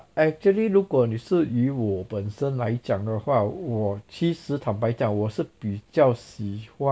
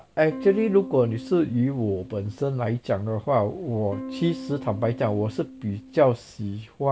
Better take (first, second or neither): first